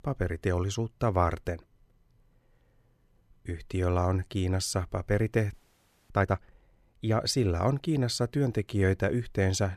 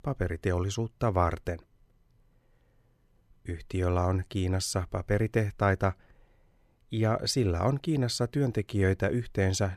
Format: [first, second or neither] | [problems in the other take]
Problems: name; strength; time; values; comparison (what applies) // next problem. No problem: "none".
second | audio freezing; at 5.5 s for 0.5 s